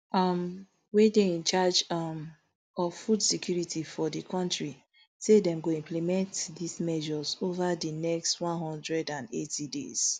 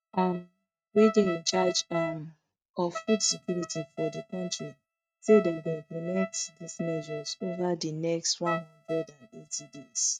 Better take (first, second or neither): first